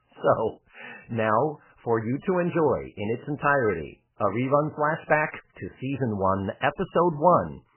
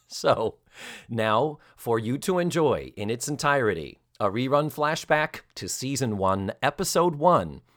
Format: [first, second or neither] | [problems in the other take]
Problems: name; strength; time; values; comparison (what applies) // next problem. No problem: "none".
second | garbled, watery; badly; nothing above 3 kHz